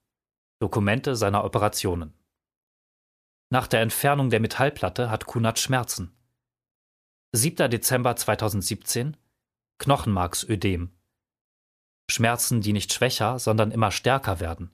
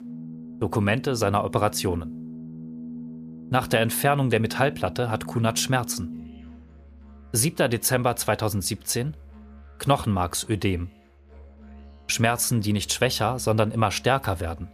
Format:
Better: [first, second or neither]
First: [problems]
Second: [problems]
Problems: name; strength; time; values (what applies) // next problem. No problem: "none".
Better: first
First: none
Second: background music; noticeable; throughout; 15 dB below the speech